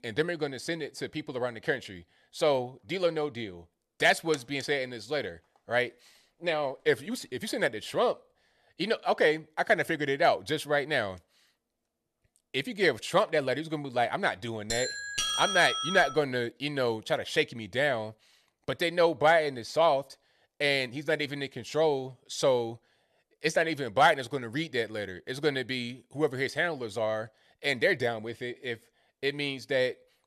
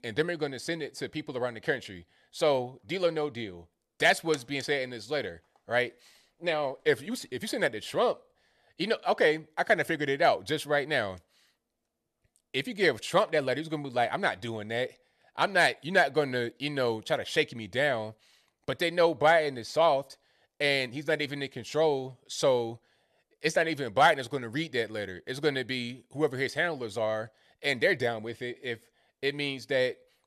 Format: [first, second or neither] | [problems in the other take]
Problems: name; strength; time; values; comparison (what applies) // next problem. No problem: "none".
second | doorbell; loud; from 15 to 16 s; peak 1 dB above the speech